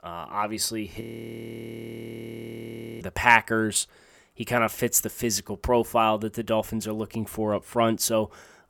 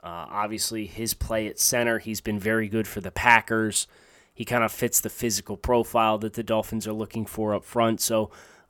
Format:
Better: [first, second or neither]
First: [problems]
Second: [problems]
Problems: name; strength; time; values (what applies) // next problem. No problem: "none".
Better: second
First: audio freezing; at 1 s for 2 s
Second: none